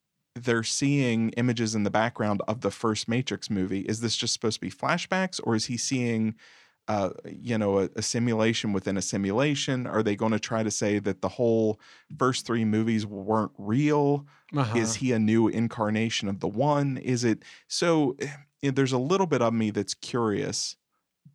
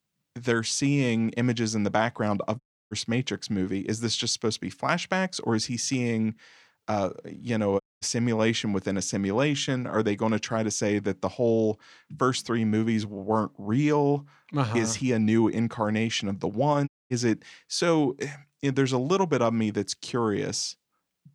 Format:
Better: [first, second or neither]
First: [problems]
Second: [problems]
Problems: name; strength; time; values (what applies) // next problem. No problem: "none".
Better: first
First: none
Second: audio cutting out; at 2.5 s, at 8 s and at 17 s